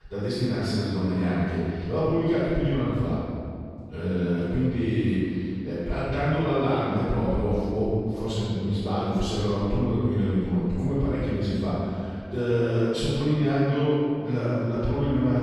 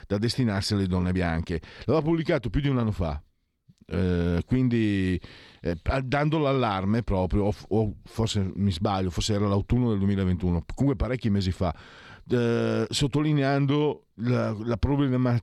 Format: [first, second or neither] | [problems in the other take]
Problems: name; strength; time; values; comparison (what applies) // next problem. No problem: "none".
second | room echo; strong; dies away in 2.1 s // off-mic speech; far